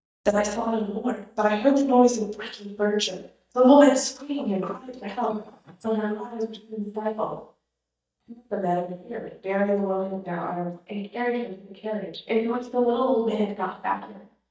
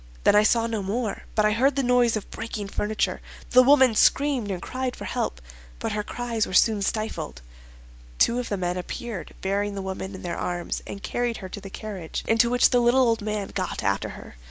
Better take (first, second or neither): second